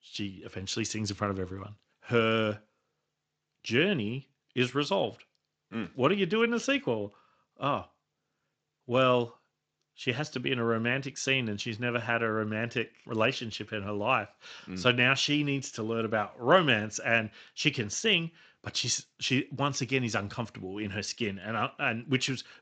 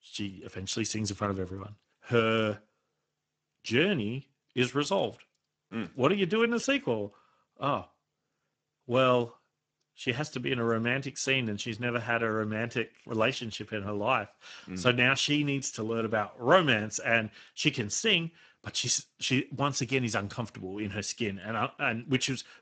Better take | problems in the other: first | garbled, watery; badly; nothing above 7.5 kHz; slightly in the first

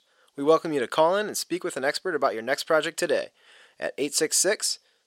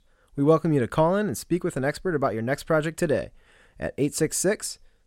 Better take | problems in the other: second | thin; somewhat; fading below 450 Hz

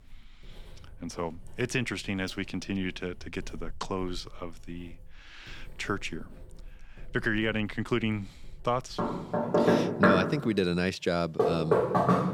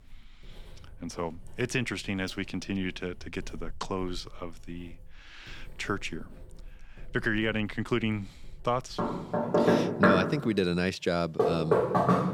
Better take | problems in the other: neither | household noises; very loud; throughout; 5 dB above the speech; the same in both

